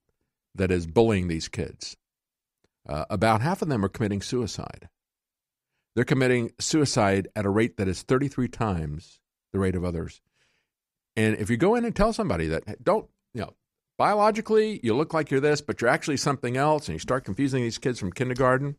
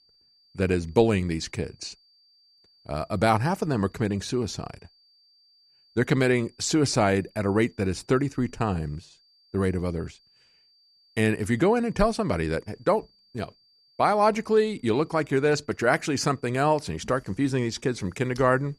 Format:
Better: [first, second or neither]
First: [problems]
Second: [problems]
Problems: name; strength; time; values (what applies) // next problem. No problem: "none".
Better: first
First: none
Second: high-pitched whine; faint; throughout; 4.5 kHz, 35 dB below the speech